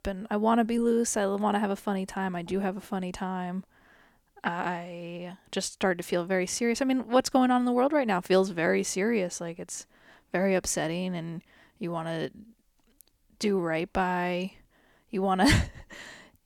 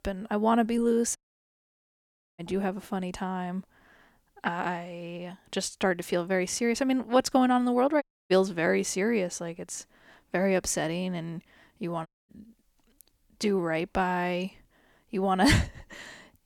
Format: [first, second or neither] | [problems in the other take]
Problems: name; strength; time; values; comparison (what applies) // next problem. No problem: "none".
first | audio cutting out; at 1 s for 1 s, at 8 s and at 12 s